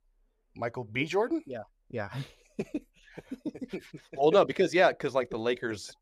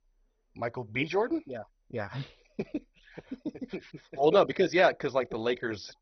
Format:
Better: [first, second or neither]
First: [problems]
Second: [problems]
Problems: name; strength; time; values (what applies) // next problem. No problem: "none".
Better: first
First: none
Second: garbled, watery; badly; nothing above 6 kHz